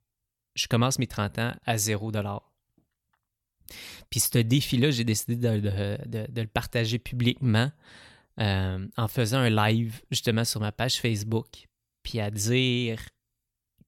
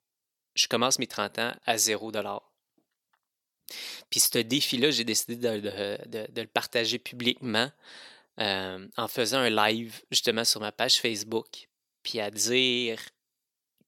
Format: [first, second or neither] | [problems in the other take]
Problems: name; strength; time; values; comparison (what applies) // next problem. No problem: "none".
first | thin; somewhat; fading below 350 Hz